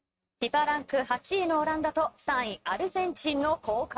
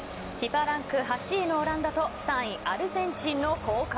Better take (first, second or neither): second